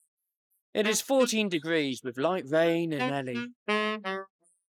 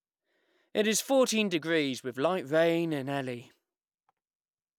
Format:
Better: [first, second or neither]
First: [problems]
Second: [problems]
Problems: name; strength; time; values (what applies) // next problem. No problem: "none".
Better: second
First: noise reduction (neural mask model Resemble Enhance denoiser)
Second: none